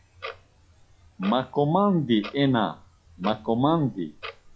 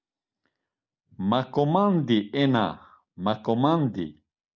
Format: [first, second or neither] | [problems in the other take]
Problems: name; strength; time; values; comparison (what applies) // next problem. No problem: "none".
second | noise reduction (classical method log-MMSE)